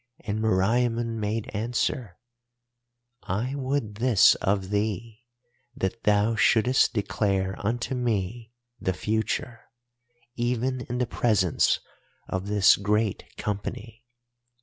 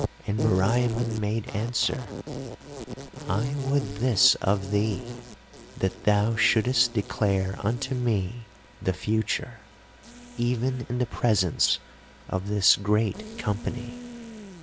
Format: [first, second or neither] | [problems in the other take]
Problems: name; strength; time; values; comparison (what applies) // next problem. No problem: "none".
first | background sound (Insect); 12 dB below the speech